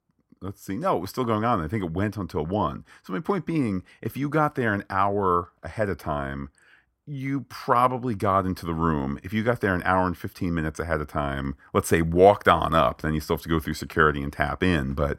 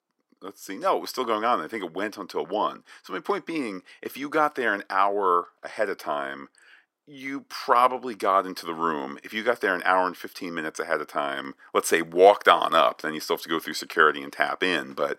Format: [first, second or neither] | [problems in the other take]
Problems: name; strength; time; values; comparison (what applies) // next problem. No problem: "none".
first | thin; somewhat; fading below 350 Hz